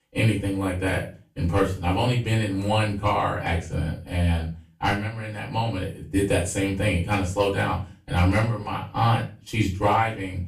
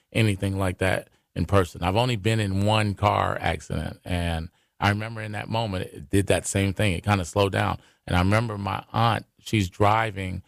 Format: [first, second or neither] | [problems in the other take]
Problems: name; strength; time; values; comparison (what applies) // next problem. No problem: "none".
second | room echo; slight; dies away in 0.3 s // off-mic speech; far